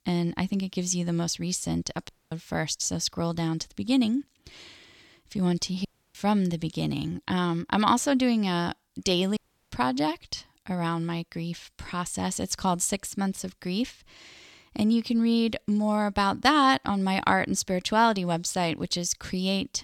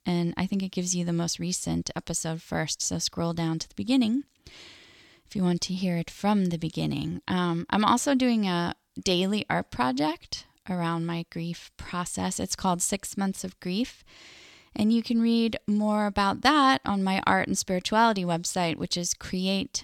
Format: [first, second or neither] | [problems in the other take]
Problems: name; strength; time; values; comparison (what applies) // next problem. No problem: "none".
second | audio cutting out; at 2 s, at 6 s and at 9.5 s